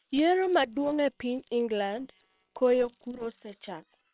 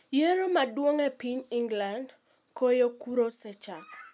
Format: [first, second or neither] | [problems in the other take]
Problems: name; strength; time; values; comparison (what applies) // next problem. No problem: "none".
second | noise reduction (neural separator model SepFormer WHAM!)